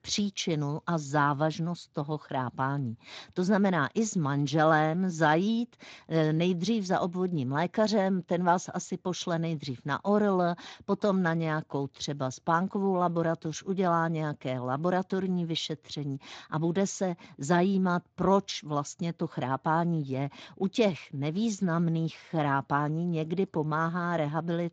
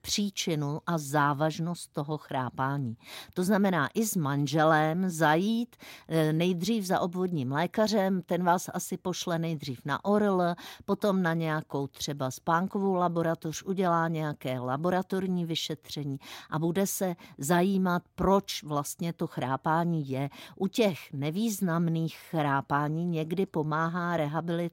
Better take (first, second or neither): second